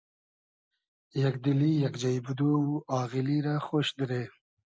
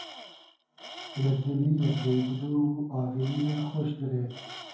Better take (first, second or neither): first